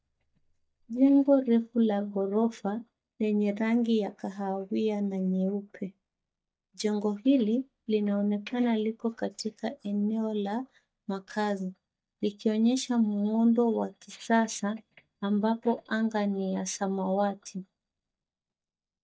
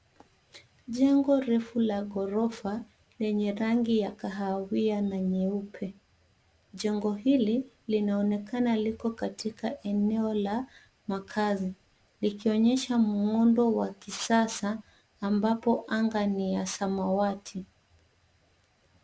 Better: second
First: noise reduction (neural mask model DeepFilterNet 3)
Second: none

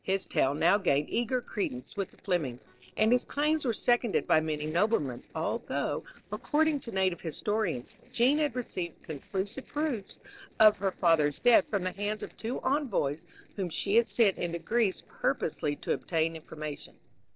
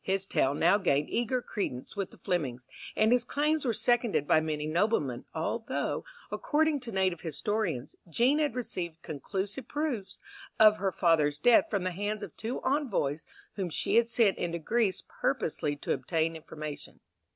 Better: second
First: noise reduction (neural separator model SepFormer DNS4)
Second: none

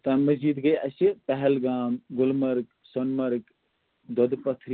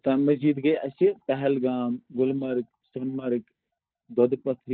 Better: first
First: none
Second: noise reduction (neural mask model DeepFilterNet 3)

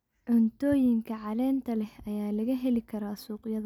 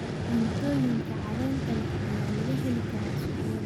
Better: first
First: none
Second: background sound (Vehicle); 2 dB above the speech

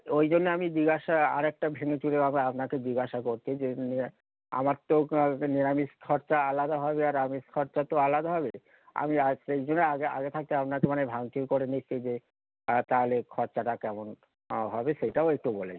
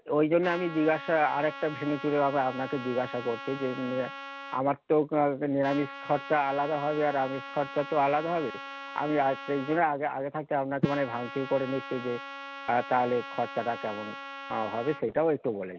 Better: first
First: none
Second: background sound (Trumpet); 13 dB below the speech

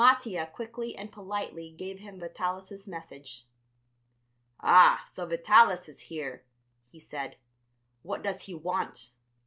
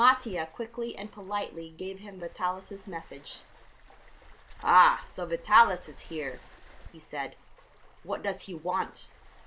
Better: first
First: none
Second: background sound (Waves, surf); 19 dB below the speech

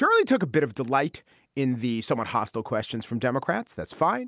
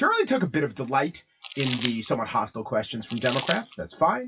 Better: first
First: none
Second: noise reduction (classical method WPE with log-MMSE)

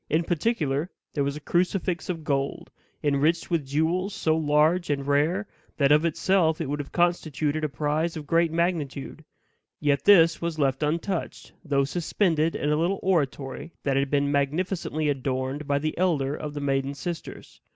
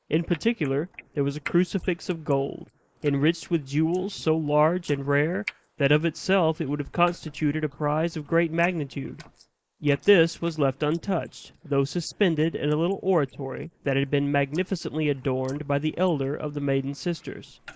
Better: first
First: none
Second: noise reduction (neural mask model Resemble Enhance denoiser)

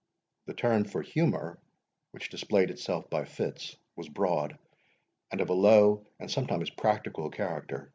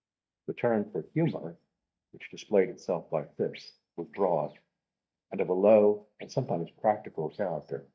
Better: first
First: none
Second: noise reduction (neural mask model DeepFilterNet 3)

